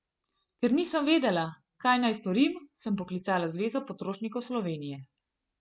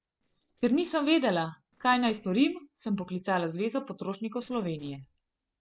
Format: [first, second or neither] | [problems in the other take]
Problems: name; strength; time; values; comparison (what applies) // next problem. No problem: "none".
first | noise reduction (neural separator model SepFormer DNS4)